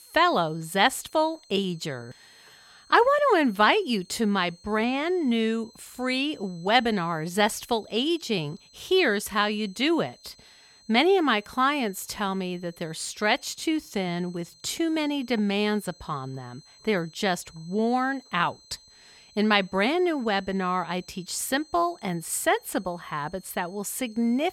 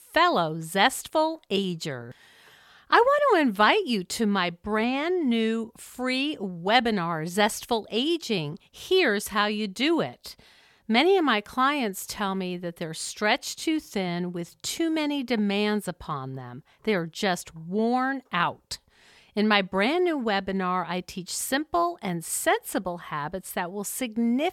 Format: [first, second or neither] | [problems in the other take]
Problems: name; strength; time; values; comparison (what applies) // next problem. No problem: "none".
second | high-pitched whine; faint; throughout; 4 kHz, 25 dB below the speech